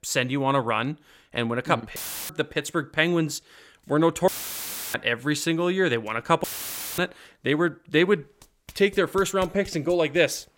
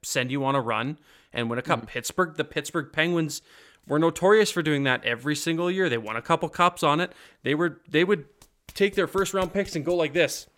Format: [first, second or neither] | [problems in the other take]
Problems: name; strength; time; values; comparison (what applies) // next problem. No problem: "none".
second | audio cutting out; filled with static; at 2 s, at 4.5 s for 0.5 s and at 6.5 s for 0.5 s